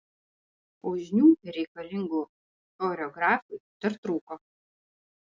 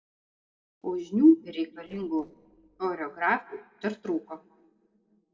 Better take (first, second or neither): first